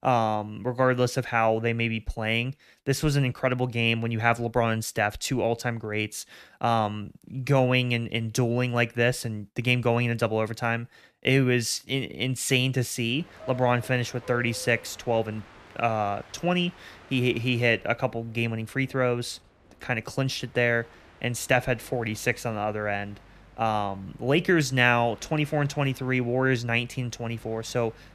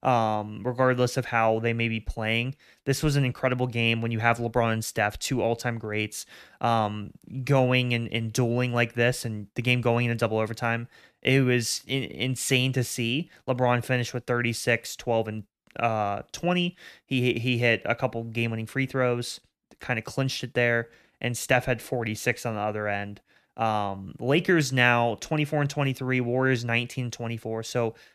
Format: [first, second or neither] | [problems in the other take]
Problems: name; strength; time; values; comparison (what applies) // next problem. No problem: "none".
second | train or aircraft noise; faint; from 13 s on; 25 dB below the speech